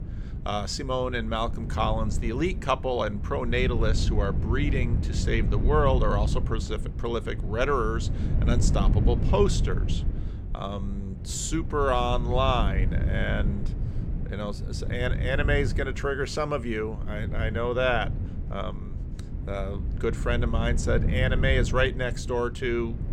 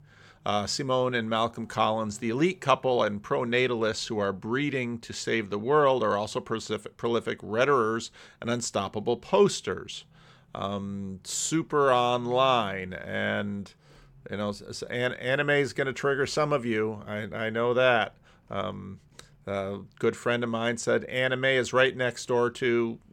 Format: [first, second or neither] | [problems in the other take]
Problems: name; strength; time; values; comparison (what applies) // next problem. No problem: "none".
second | wind noise on the microphone; occasional gusts; 15 dB below the speech